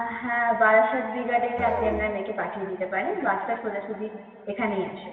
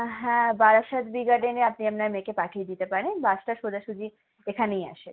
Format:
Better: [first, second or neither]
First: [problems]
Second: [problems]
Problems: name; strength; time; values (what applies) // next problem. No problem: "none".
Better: second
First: background sound (Musical instrument); 12 dB below the speech // room echo; dies away in 2.6 s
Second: none